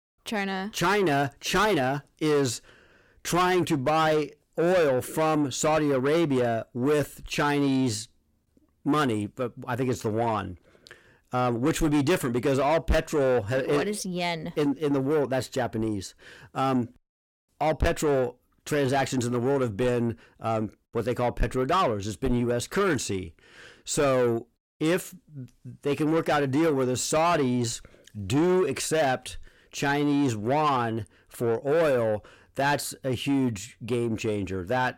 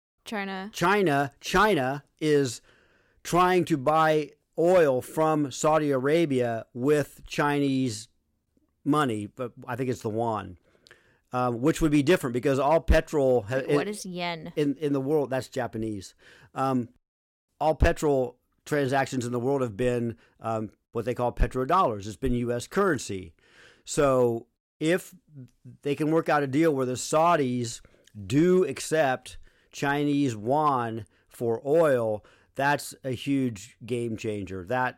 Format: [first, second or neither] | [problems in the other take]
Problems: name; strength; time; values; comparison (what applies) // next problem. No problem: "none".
second | distortion; slight; 10 dB below the speech